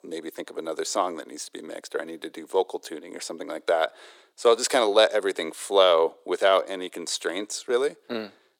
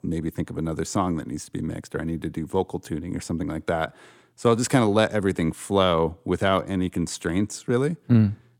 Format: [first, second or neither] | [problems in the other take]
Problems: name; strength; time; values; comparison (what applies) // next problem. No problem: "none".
second | thin; very; fading below 400 Hz